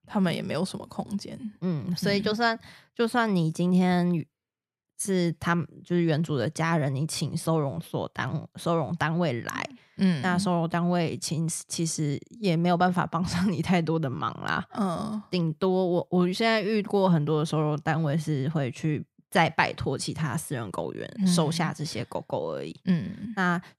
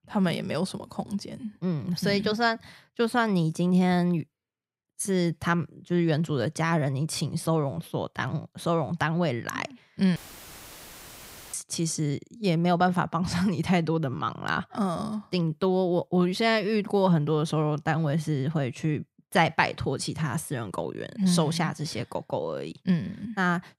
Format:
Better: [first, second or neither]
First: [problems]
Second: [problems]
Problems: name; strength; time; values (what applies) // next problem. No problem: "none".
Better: first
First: none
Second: audio cutting out; filled with static; at 10 s for 1.5 s